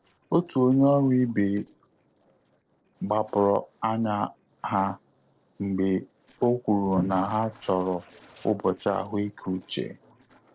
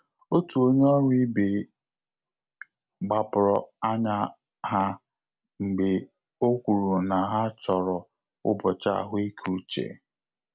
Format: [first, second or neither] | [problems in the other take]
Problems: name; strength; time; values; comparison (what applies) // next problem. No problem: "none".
second | noise reduction (neural separator model SepFormer DNS4)